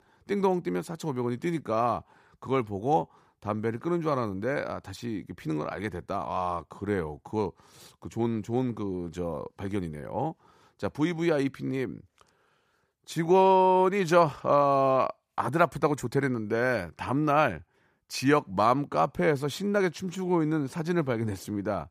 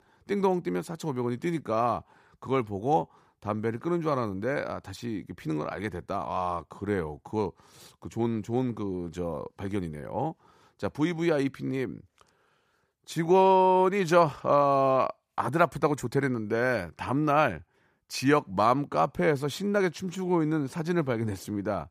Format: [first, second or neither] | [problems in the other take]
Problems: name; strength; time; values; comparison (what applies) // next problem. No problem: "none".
neither | none